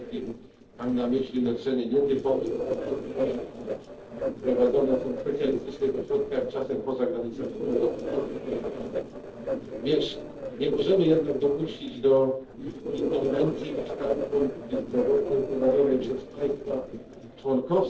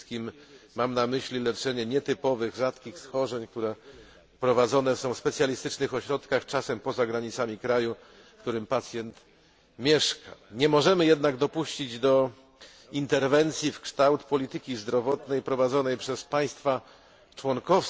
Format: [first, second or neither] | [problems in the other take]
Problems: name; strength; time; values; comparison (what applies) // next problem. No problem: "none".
second | noise reduction (neural separator model SepFormer DNS4)